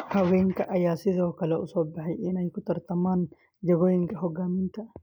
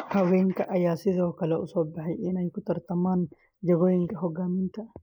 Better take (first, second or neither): first